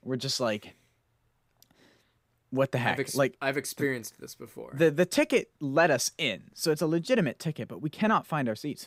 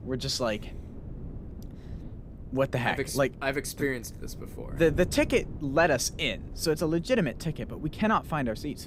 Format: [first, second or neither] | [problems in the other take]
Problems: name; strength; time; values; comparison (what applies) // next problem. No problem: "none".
first | wind noise on the microphone; occasional gusts; 25 dB below the speech